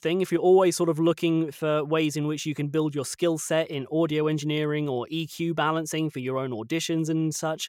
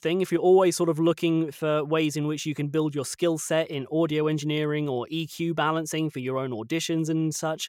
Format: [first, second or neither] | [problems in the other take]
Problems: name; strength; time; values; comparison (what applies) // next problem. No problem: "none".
neither | none